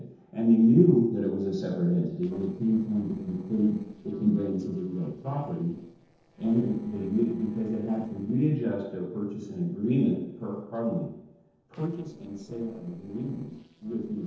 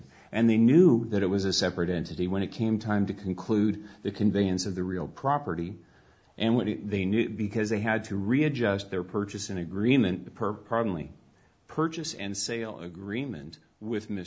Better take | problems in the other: second | noise reduction (neural separator model SepFormer DNS4)

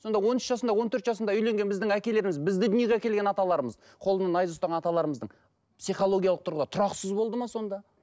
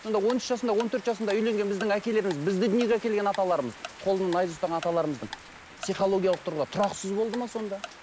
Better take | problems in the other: first | background sound (Rain + Tick-tock); 16 dB below the speech

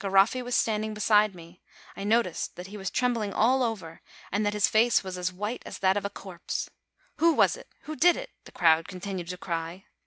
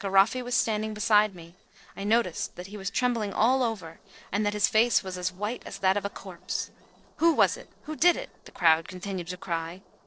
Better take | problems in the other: first | noise reduction (neural separator model SepFormer DNS4)

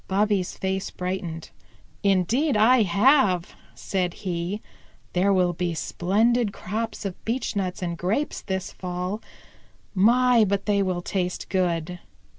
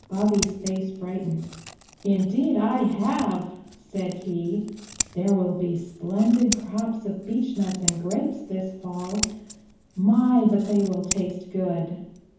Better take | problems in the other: first | background sound (Scissors); 12 dB below the speech // room echo; dies away in 0.9 s

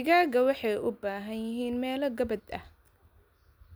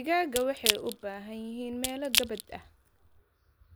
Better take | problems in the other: first | background sound (Crack / Crushing); as loud as the speech

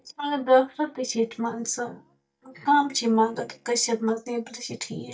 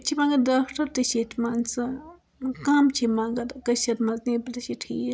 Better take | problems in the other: second | noise reduction (neural mask model DeepFilterNet 3)

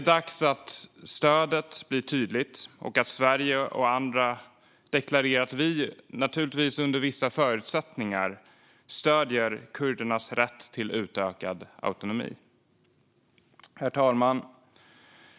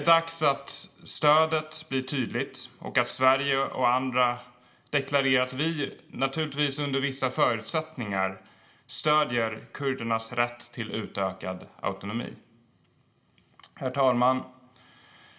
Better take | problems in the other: first | room echo; dies away in 0.5 s

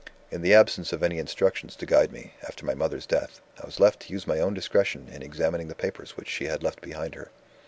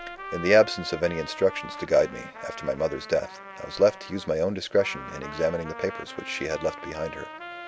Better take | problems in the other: first | background sound (Trumpet); 13 dB below the speech

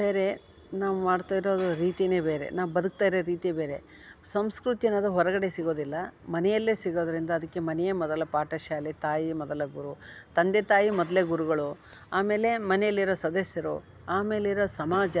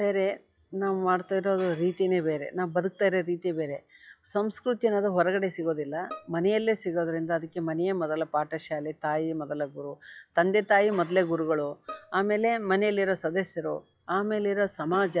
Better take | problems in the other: first | noise reduction (classical method log-MMSE)

